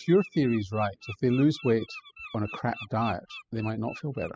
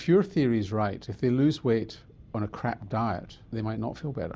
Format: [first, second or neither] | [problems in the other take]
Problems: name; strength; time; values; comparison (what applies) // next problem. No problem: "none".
second | noise reduction (classical method spectral subtraction)